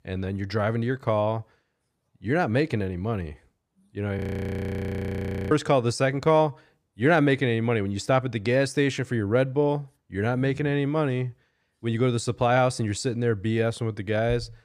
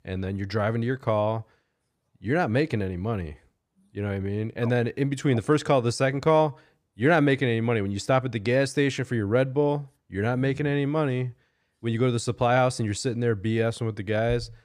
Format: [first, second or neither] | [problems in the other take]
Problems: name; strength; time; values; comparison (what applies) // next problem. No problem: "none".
second | audio freezing; at 4 s for 1.5 s